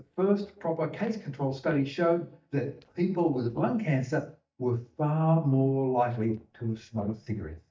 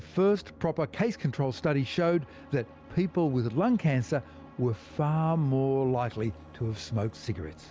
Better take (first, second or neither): second